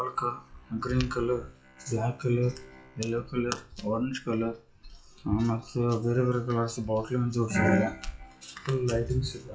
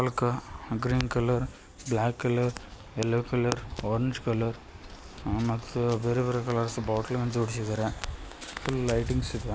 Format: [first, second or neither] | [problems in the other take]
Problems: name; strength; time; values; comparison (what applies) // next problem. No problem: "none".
second | noise reduction (classical method WPE with log-MMSE)